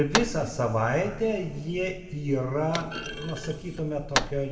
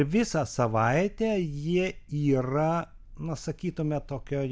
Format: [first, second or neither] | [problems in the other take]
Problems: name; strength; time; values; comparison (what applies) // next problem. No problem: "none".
second | background sound (Thump, thud); 7 dB below the speech // room echo; dies away in 1.8 s